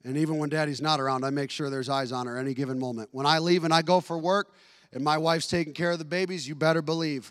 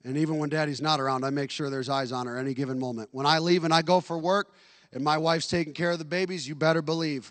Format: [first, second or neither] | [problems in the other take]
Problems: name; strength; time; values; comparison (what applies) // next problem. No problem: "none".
first | garbled, watery; slightly; nothing above 8.5 kHz